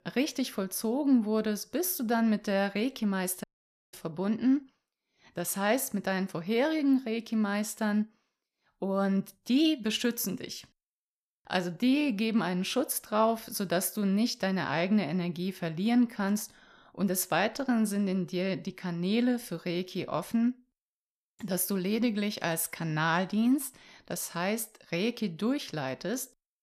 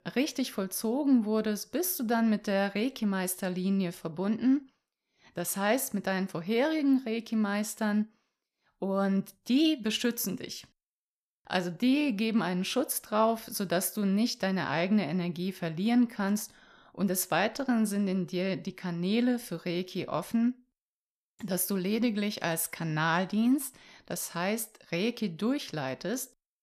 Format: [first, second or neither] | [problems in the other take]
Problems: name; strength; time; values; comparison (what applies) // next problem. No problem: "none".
second | audio cutting out; at 3.5 s